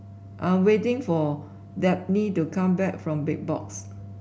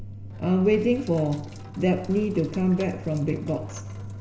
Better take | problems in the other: first | background sound (Sink (filling or washing)); 19 dB below the speech // room echo; dies away in 2.1 s

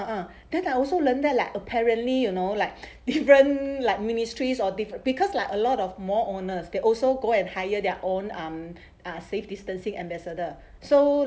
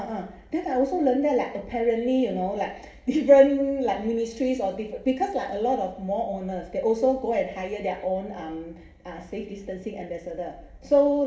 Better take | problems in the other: first | room echo; dies away in 0.7 s

